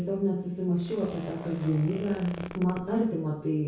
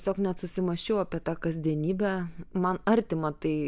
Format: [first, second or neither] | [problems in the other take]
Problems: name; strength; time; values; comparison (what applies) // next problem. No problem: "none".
second | background sound (Zipper (clothing)); 16 dB below the speech // room echo; dies away in 0.6 s